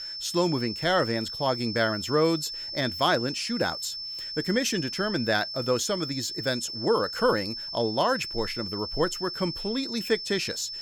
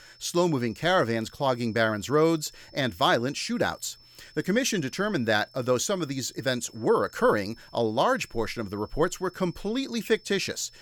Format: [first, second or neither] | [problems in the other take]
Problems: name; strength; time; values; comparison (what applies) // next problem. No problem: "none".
second | high-pitched whine; loud; throughout; 5.5 kHz, 5 dB below the speech; faint in the second